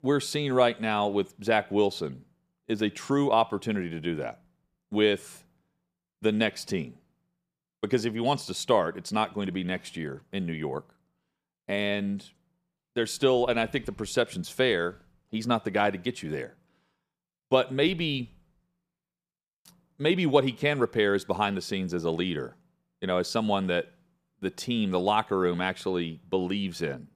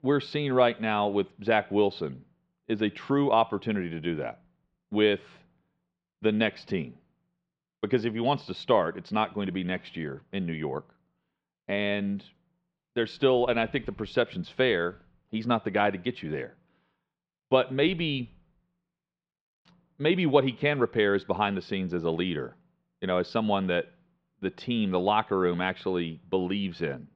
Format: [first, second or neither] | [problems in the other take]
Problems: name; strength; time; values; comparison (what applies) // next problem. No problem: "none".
first | muffled; slightly; fading above 3.5 kHz